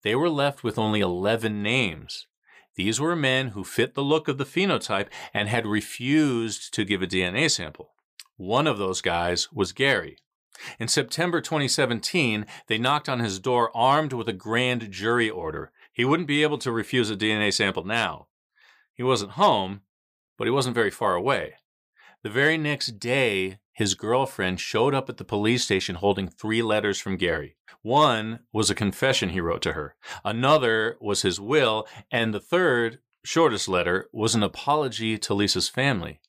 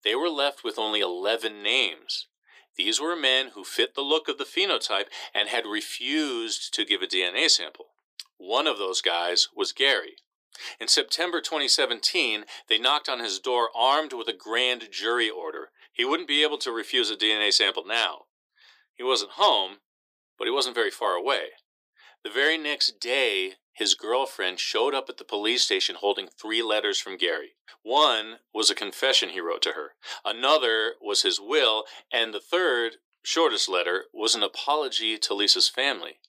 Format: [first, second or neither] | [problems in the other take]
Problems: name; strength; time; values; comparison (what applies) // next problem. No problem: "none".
first | thin; somewhat; fading below 300 Hz